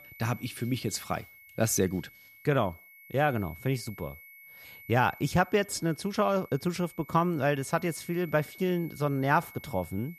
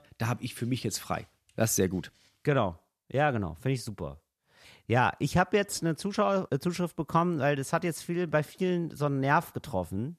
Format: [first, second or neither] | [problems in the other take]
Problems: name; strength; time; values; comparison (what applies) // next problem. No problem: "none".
second | high-pitched whine; noticeable; throughout; 2 kHz, 20 dB below the speech